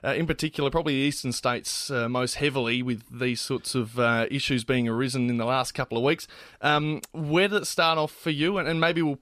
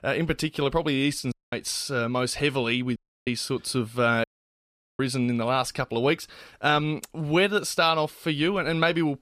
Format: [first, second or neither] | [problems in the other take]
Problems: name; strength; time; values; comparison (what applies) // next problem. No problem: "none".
first | audio cutting out; at 1.5 s, at 3 s and at 4 s for 1 s